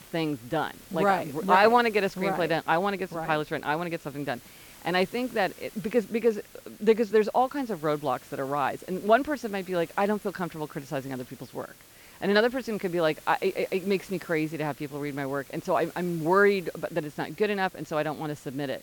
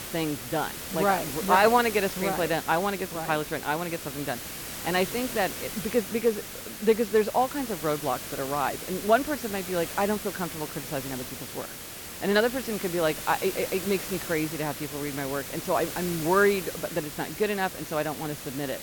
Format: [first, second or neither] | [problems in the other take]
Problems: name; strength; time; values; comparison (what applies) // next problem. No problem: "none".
first | hiss; loud; throughout; 8 dB below the speech; faint in the first